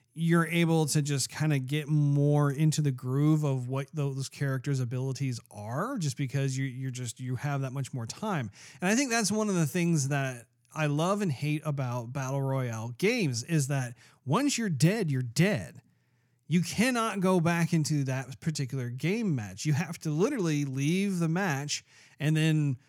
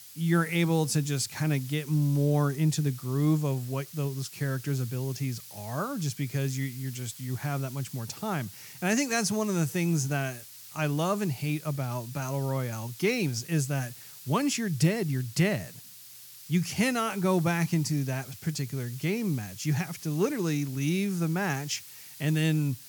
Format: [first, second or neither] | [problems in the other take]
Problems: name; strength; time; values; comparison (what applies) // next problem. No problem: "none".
first | hiss; noticeable; throughout; 15 dB below the speech